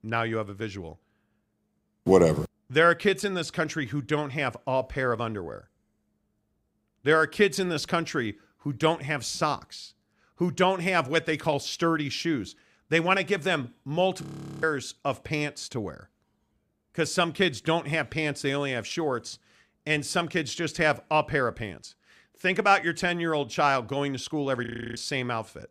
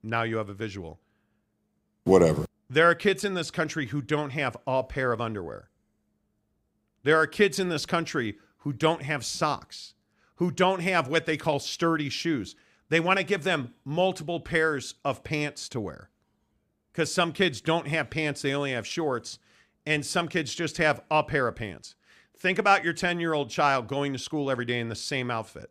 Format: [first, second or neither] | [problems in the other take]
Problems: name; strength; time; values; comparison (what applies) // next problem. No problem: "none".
second | audio freezing; at 14 s and at 25 s